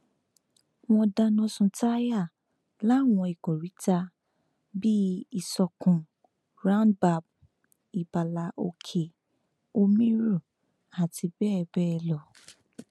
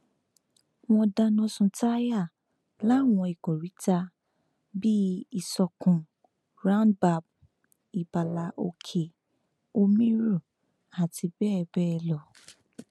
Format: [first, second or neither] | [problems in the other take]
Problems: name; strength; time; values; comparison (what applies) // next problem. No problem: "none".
first | background sound (Wind instrument, woodwind instrument); 19 dB below the speech